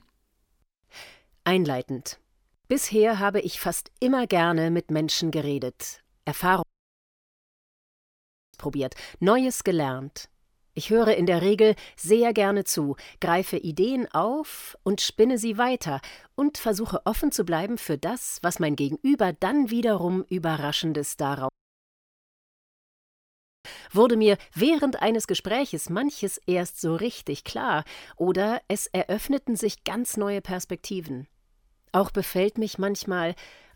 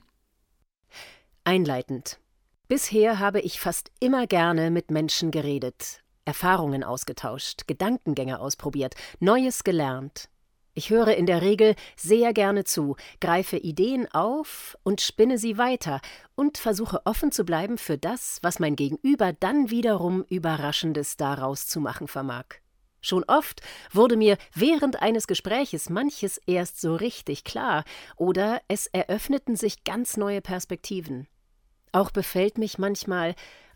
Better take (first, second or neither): second